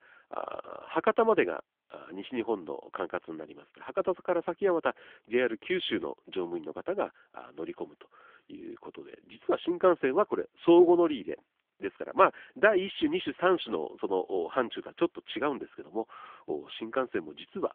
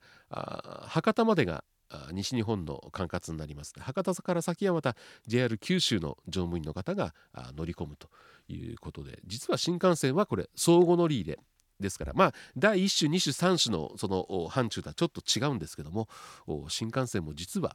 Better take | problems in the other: second | phone-call audio; nothing above 3.5 kHz

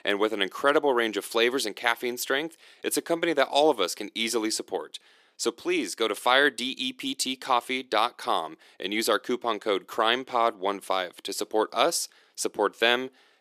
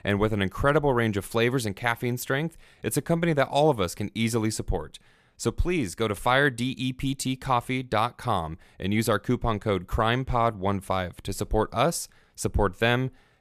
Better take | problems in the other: second | thin; somewhat; fading below 300 Hz

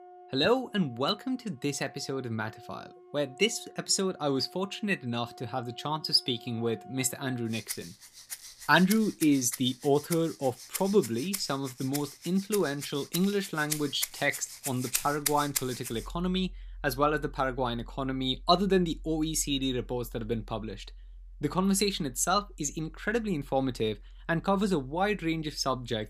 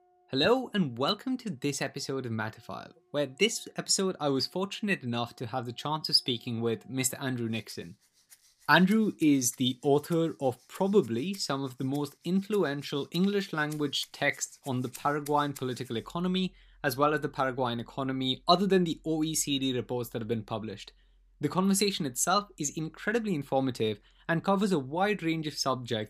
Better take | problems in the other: second | background music; loud; throughout; 10 dB below the speech; faint in the second

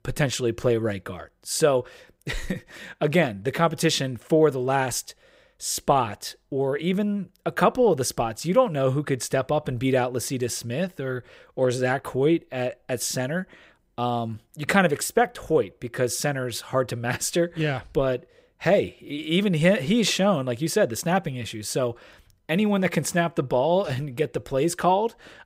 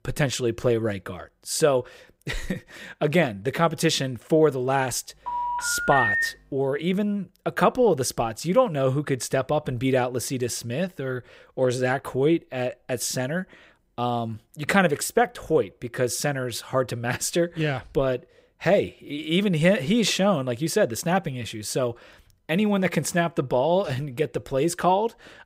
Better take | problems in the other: first | phone ringing; loud; from 5.5 to 6.5 s; peak 3 dB above the speech

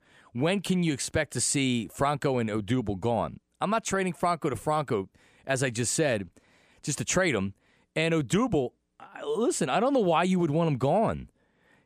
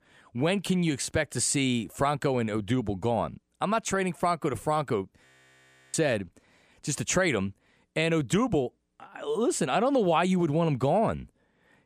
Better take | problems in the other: first | audio freezing; at 5.5 s for 0.5 s

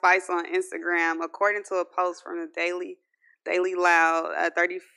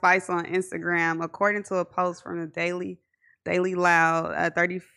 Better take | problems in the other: second | thin; very; fading below 350 Hz

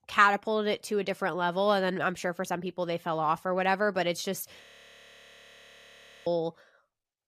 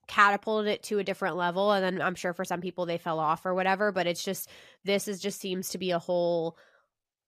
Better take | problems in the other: second | audio freezing; at 4.5 s for 1.5 s

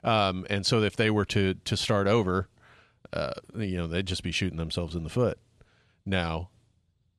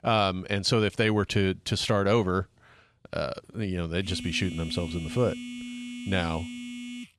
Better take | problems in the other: first | phone ringing; noticeable; from 4 s on; peak 10 dB below the speech

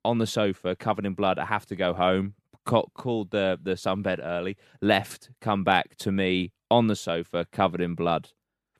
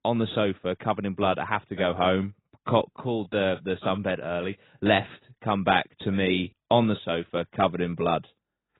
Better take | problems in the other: first | garbled, watery; badly; nothing above 4 kHz

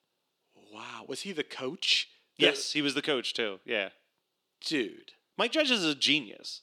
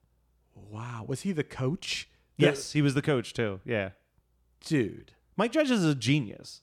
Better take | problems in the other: second | thin; very slightly; fading below 250 Hz

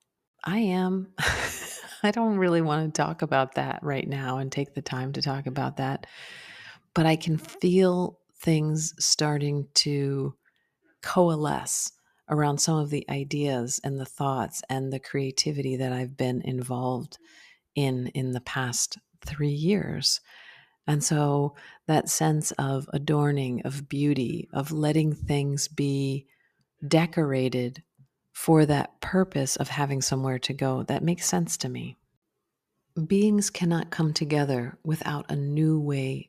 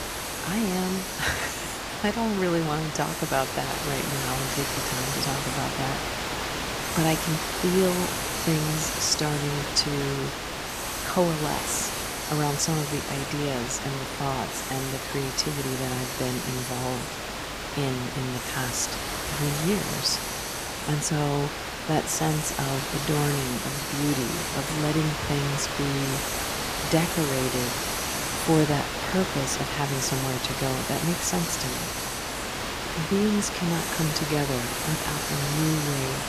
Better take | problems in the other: first | hiss; loud; throughout; 1 dB below the speech

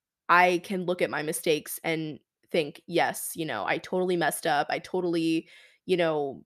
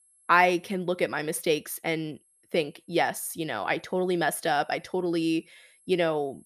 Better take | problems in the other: first | high-pitched whine; faint; throughout; 11 kHz, 35 dB below the speech

